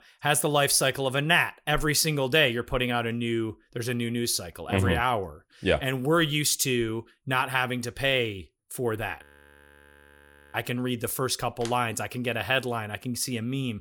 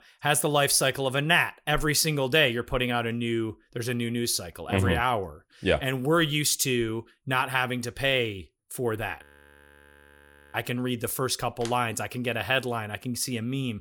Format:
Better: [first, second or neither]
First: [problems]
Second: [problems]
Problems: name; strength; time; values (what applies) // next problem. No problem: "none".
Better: neither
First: audio freezing; at 9 s for 1.5 s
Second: audio freezing; at 9 s for 1.5 s